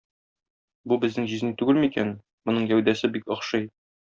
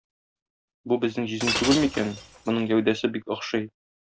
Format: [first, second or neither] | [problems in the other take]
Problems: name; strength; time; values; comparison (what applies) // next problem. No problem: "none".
first | background sound (Shatter); 6 dB below the speech